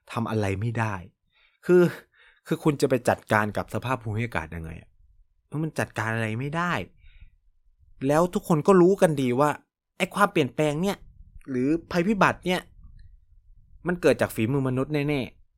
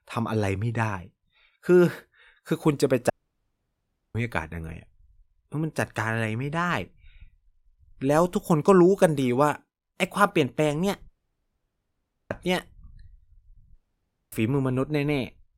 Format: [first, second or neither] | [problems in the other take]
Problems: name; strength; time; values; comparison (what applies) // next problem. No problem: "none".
first | audio cutting out; at 3 s for 1 s, at 11 s for 1 s and at 14 s for 0.5 s